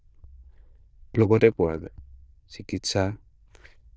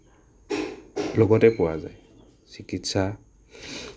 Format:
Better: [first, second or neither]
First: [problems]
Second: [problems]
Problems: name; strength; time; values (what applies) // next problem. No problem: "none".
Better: second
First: noise reduction (neural diffusion model UNIVERSE++)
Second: none